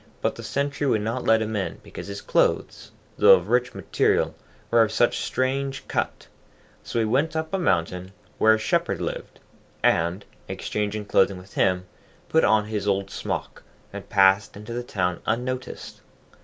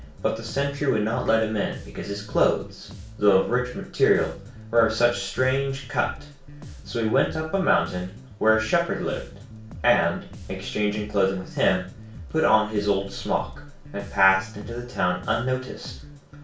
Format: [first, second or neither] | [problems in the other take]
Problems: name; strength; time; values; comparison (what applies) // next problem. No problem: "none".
first | background sound (Bass guitar); 16 dB below the speech // room echo; dies away in 0.3 s